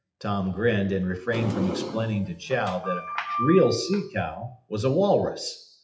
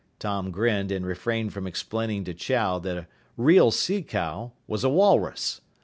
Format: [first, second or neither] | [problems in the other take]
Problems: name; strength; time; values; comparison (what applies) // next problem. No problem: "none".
second | noise reduction (classical method WPE with log-MMSE)